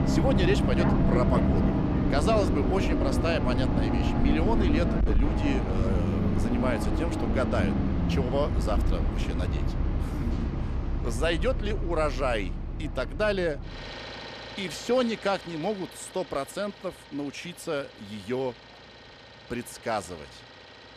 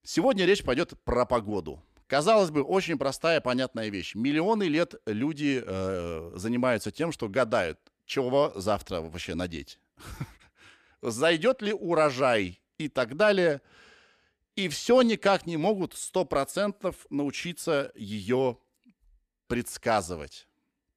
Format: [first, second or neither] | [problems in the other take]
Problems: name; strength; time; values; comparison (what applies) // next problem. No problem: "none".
second | traffic noise; very loud; throughout; 3 dB above the speech